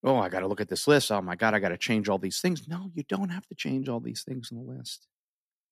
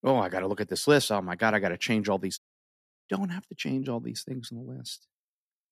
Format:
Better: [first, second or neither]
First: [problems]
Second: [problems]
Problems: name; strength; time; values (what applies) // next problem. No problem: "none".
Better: first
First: none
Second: audio cutting out; at 2.5 s for 0.5 s